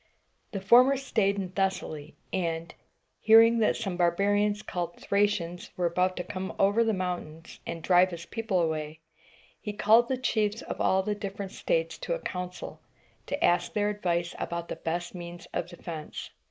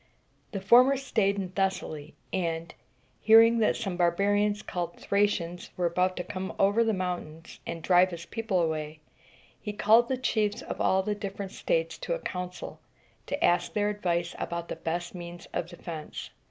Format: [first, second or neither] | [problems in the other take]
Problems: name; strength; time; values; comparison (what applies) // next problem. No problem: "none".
second | noise reduction (neural mask model Resemble Enhance denoiser)